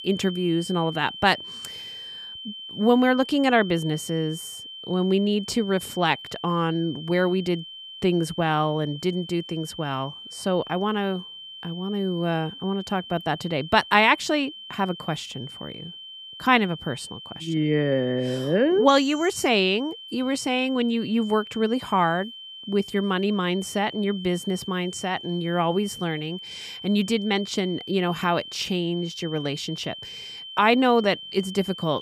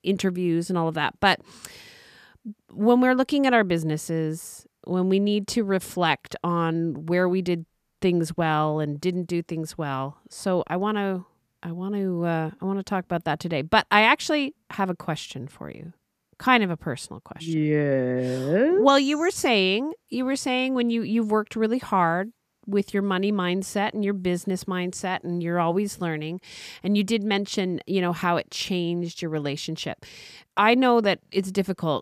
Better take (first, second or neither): second